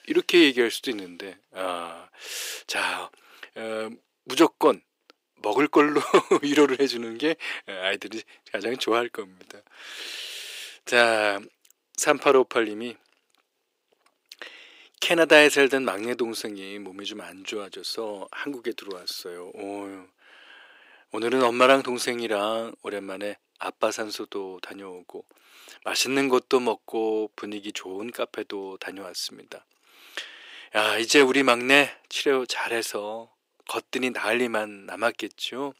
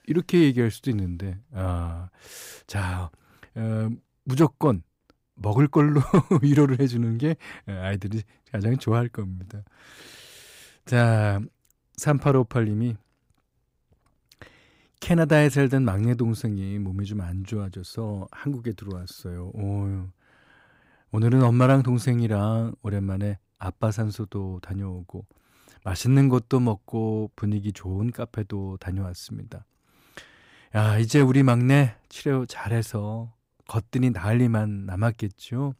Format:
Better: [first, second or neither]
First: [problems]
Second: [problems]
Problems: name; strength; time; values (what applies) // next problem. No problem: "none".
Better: second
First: thin; very; fading below 350 Hz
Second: none